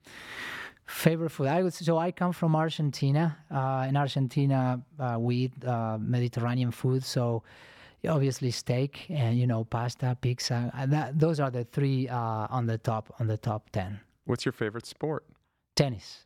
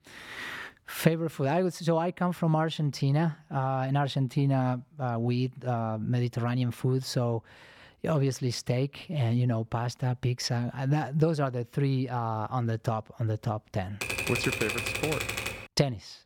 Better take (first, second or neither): first